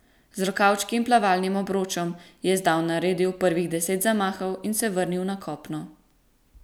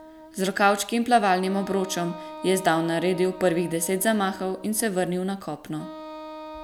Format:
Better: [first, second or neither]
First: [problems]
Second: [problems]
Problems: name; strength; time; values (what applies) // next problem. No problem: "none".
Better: first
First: none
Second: background sound (Wind instrument, woodwind instrument); 16 dB below the speech